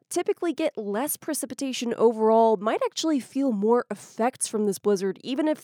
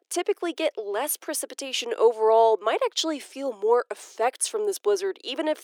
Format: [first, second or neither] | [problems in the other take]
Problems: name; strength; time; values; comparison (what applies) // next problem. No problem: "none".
first | thin; very; fading below 350 Hz